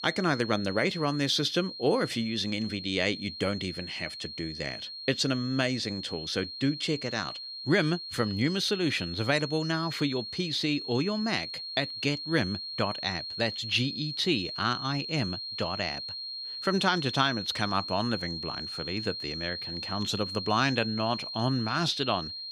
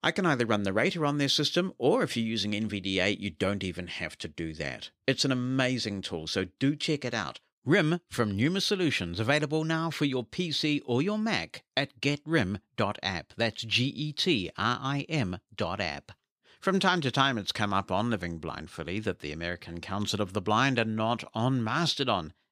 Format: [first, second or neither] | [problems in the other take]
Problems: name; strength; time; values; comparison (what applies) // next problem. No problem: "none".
second | high-pitched whine; loud; throughout; 4 kHz, 6 dB below the speech